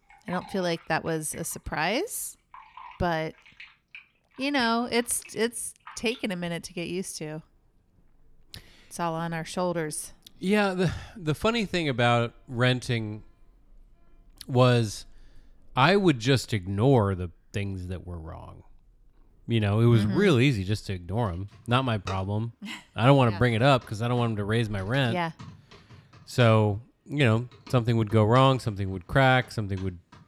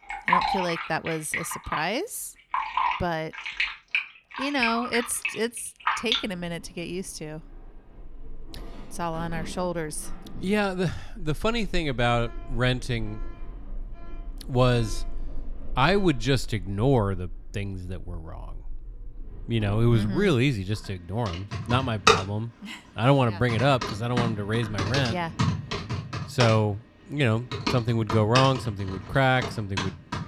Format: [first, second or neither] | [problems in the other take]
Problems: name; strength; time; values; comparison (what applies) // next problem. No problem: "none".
first | household noises; loud; throughout; 4 dB below the speech; faint in the first